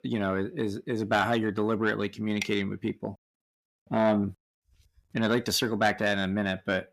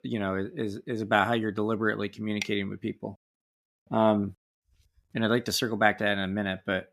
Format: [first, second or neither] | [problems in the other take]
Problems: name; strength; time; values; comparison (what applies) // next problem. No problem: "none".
second | distortion; slight; 10 dB below the speech